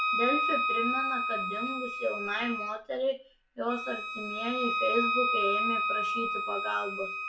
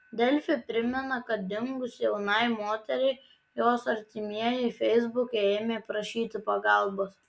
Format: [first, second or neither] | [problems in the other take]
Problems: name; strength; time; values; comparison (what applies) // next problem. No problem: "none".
second | background sound (Wind instrument, woodwind instrument); 3 dB above the speech // room echo; dies away in 0.3 s